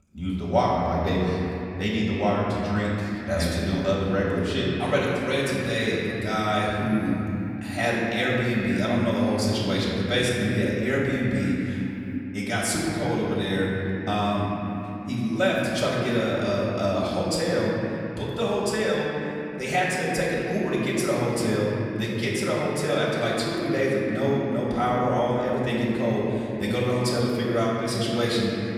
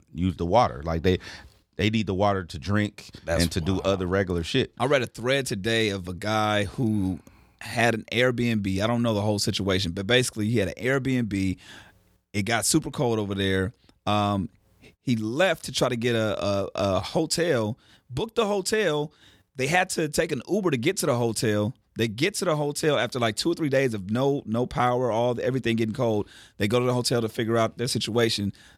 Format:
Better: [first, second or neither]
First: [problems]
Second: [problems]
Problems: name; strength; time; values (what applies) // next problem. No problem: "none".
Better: second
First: room echo; noticeable; dies away in 3 s // off-mic speech; far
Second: none